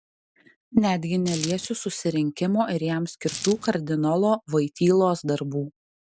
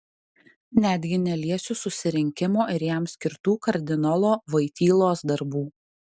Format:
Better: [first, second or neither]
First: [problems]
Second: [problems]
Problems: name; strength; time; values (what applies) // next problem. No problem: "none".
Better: second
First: background sound (Coin (dropping)); 9 dB below the speech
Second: none